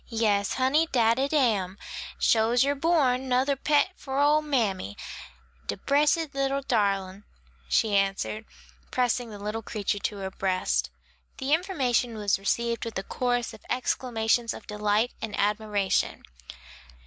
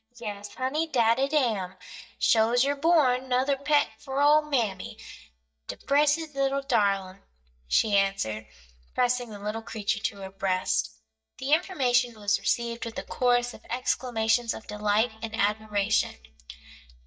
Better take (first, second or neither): first